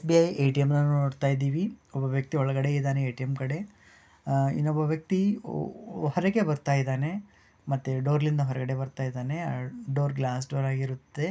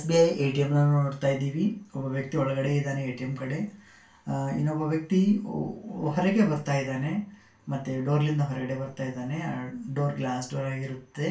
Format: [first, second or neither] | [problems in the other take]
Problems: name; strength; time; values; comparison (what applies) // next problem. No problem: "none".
first | room echo; dies away in 0.3 s